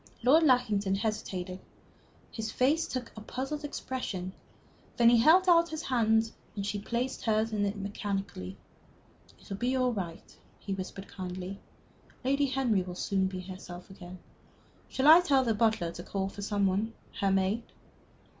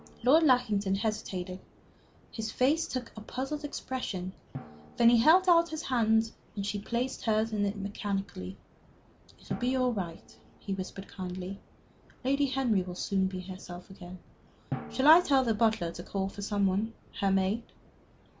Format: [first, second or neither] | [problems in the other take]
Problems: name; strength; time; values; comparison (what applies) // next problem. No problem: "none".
first | background sound (Drum); 20 dB below the speech